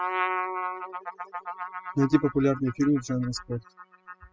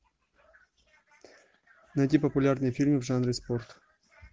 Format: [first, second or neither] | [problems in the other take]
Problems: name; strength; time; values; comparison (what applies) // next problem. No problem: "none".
second | noise reduction (classical method spectral subtraction)